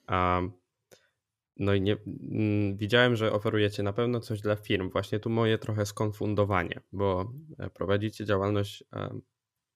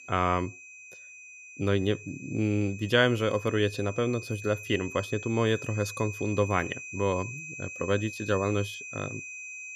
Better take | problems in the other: first | high-pitched whine; noticeable; throughout; 2.5 kHz, 10 dB below the speech

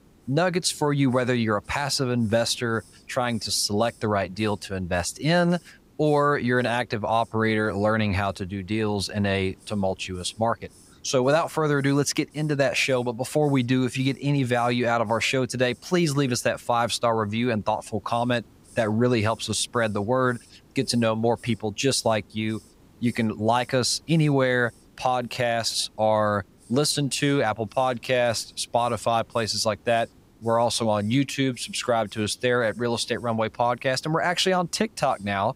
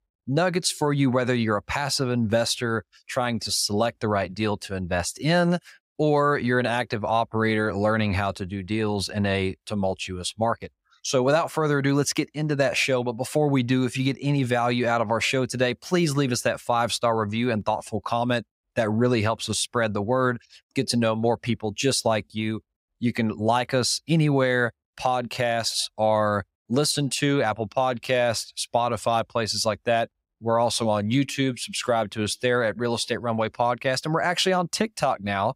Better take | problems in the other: second | hiss; faint; throughout; 30 dB below the speech

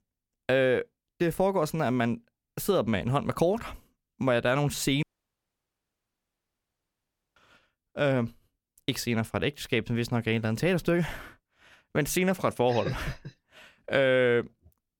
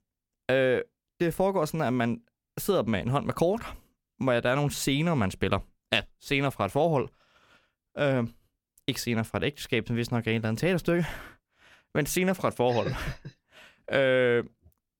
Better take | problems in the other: second | audio cutting out; at 5 s for 2.5 s

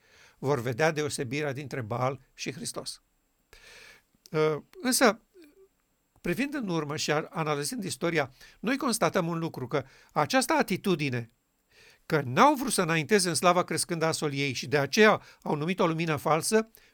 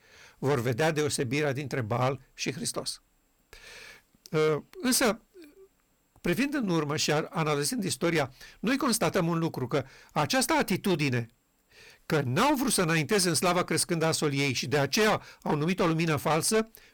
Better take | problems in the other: first | distortion; heavy; 9% of the sound clipped

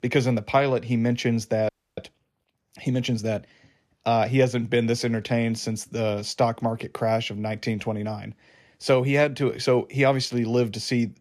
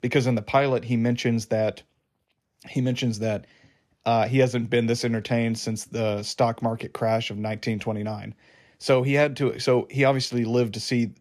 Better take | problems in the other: second | audio freezing; at 1.5 s

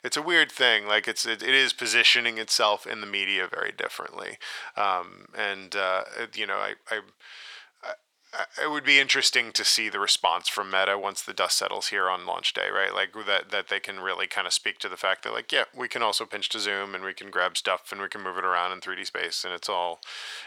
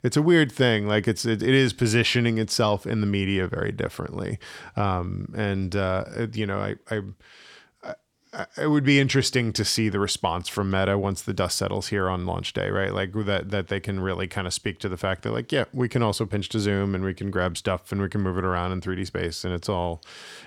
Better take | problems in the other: second | thin; very; fading below 800 Hz

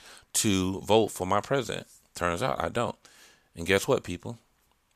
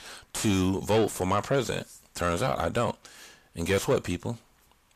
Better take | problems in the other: first | distortion; heavy; 7 dB below the speech

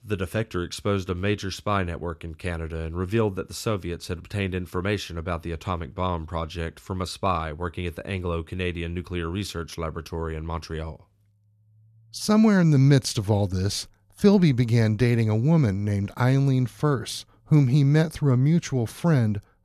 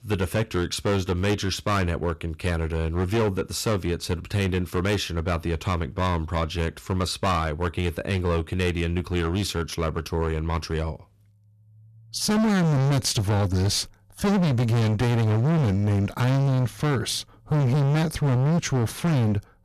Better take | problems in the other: first | distortion; heavy; 21% of the sound clipped

